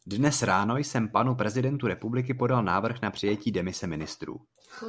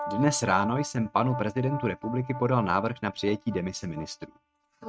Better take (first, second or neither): first